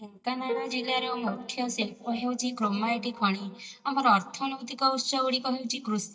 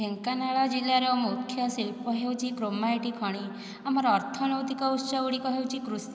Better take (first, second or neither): second